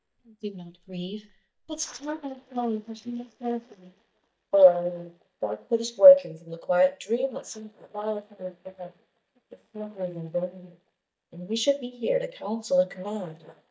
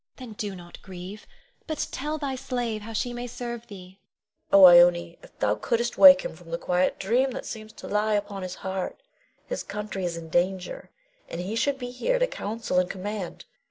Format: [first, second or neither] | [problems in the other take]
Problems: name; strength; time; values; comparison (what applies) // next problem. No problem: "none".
second | noise reduction (neural mask model DeepFilterNet 3)